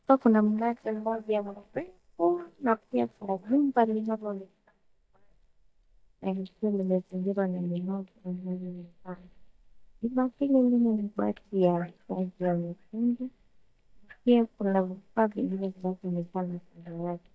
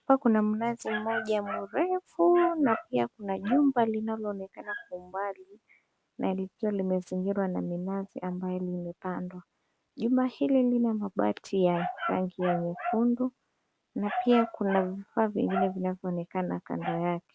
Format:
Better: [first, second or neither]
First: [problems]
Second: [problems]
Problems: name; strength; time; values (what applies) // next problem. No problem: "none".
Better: second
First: noise reduction (neural mask model DeepFilterNet 3)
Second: none